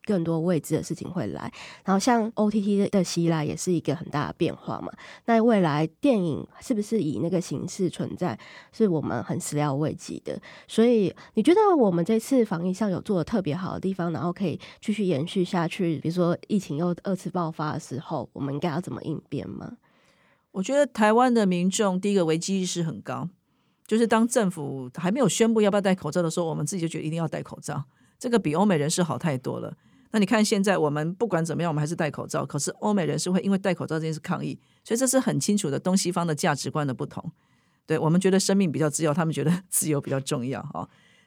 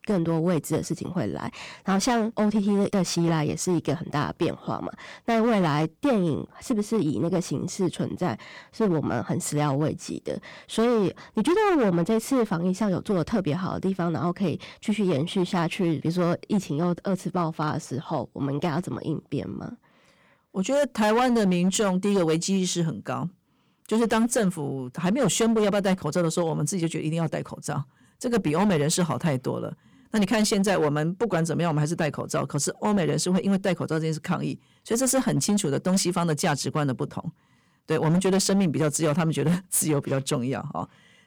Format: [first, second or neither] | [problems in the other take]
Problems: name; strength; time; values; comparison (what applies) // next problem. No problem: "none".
first | distortion; slight; 9% of the sound clipped